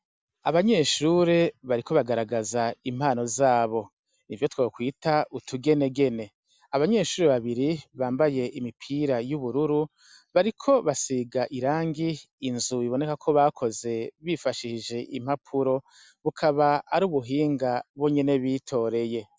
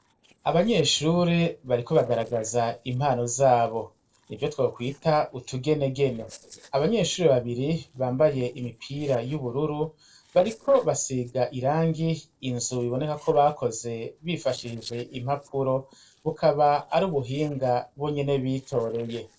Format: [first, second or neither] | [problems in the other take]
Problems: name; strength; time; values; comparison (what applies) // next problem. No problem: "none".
first | noise reduction (neural separator model SepFormer DNS4)